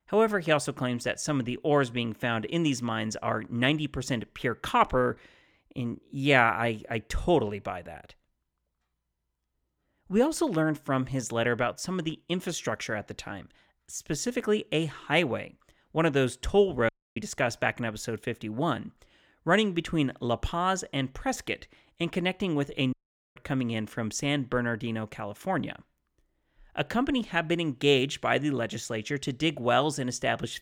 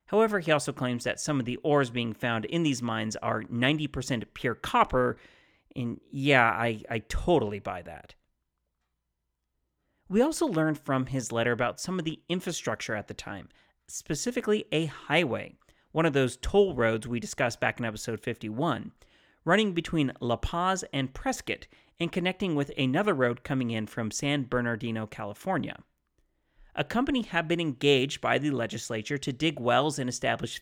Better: second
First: audio cutting out; at 17 s and at 23 s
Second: none

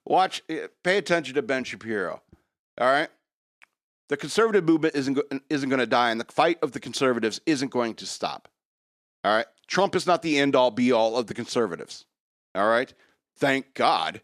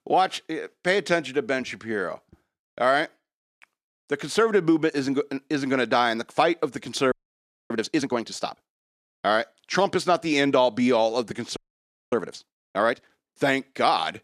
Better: first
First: none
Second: audio freezing; at 7 s for 0.5 s and at 12 s for 0.5 s

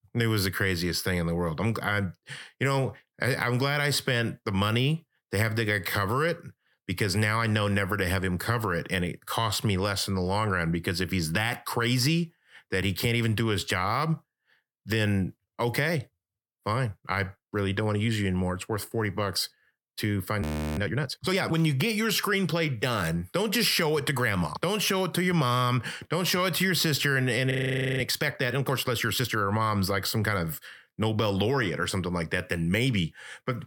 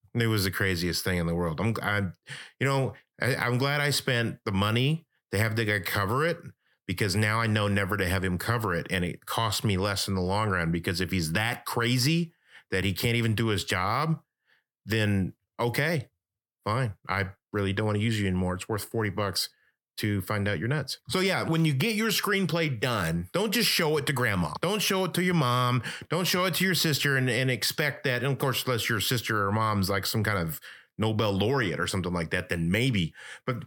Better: second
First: audio freezing; at 20 s and at 28 s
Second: none

